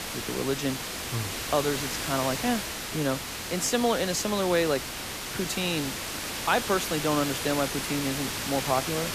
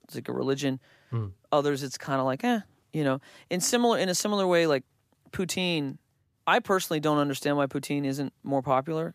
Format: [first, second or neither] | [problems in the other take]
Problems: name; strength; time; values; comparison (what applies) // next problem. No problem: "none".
second | hiss; loud; throughout; 3 dB below the speech